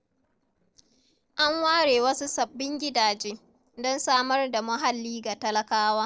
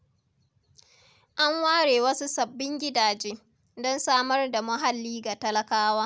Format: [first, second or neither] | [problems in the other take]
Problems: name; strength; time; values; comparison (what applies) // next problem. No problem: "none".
second | noise reduction (neural separator model SepFormer DNS4)